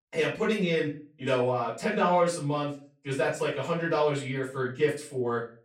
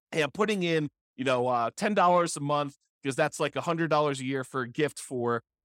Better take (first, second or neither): second